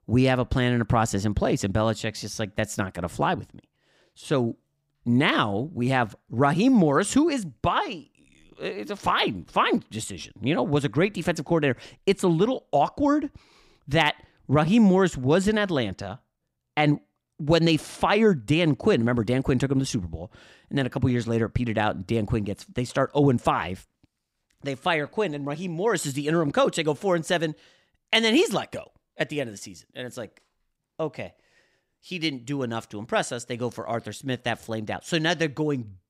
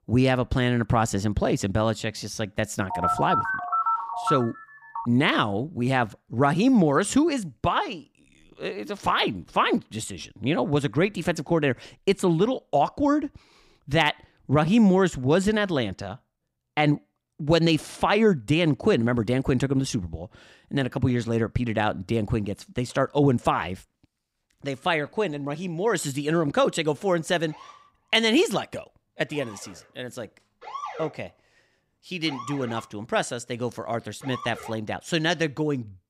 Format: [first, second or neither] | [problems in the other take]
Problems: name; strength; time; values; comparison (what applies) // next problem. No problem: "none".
first | phone ringing; loud; from 3 to 5 s; peak level with the speech // siren; faint; from 28 to 35 s; peak 10 dB below the speech